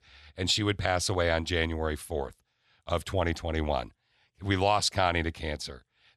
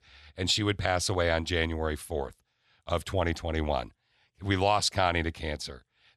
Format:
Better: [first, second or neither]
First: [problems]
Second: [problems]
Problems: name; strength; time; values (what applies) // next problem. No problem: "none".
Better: neither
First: none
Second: none